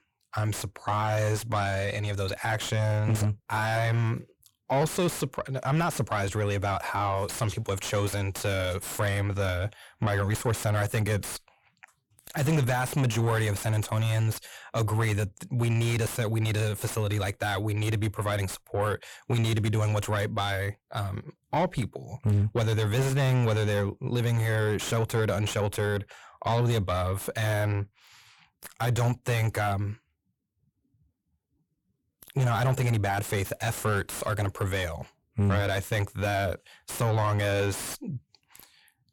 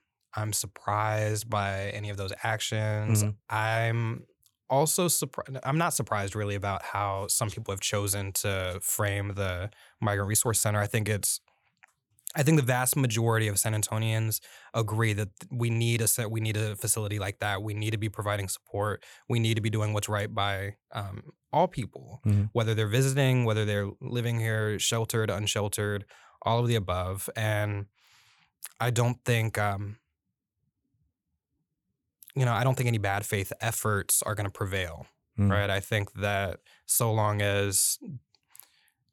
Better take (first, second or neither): second